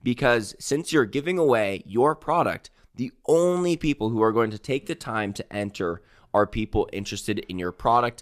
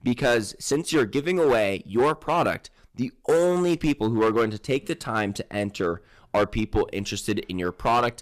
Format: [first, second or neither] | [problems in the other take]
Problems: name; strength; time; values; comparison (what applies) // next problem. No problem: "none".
first | distortion; slight; 6% of the sound clipped